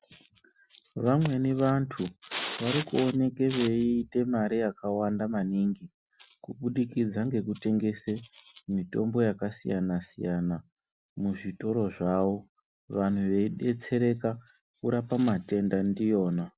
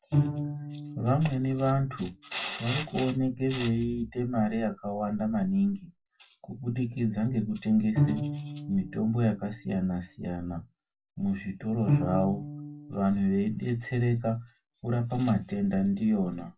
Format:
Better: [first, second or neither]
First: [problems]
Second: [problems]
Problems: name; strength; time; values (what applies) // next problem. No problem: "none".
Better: first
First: none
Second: background sound (Bowed string instrument); 5 dB below the speech // room echo; dies away in 0.1 s